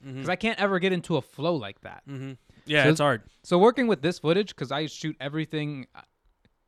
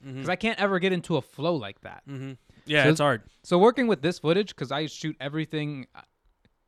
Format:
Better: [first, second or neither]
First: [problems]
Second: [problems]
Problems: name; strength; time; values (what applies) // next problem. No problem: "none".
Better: neither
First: none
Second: none